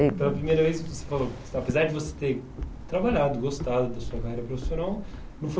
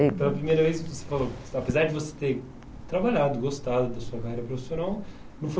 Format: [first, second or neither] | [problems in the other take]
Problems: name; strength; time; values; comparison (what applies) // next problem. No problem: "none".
second | background sound (Walk, footsteps); 12 dB below the speech